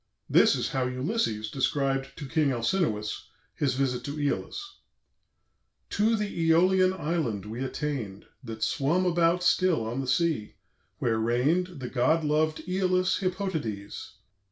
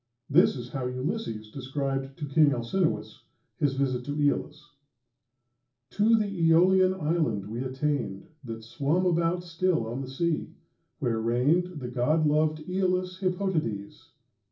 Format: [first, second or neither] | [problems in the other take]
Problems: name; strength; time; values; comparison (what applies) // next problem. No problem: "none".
first | room echo; dies away in 0.4 s